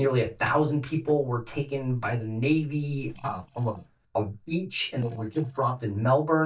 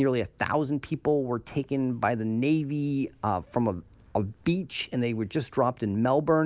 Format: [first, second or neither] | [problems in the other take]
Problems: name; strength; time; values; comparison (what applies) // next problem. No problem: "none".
second | noise reduction (neural mask model DeepFilterNet 3)